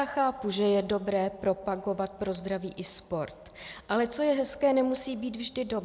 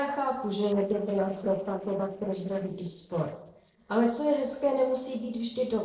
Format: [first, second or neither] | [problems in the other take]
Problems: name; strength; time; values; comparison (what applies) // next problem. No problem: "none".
first | noise reduction (neural separator model SepFormer DNS4)